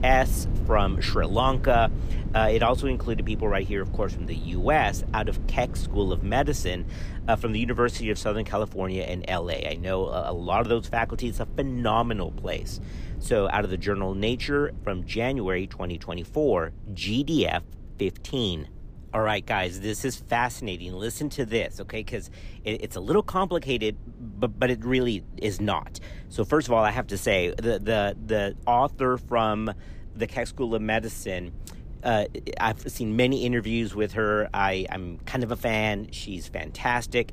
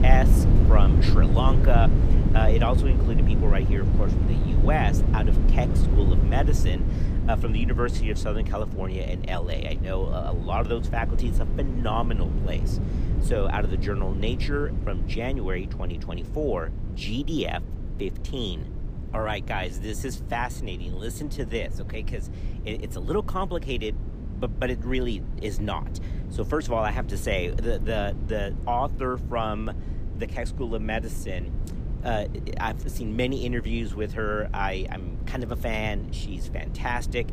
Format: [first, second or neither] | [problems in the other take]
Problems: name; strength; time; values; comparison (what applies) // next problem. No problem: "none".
first | low rumble; loud; throughout; 8 dB below the speech; faint in the first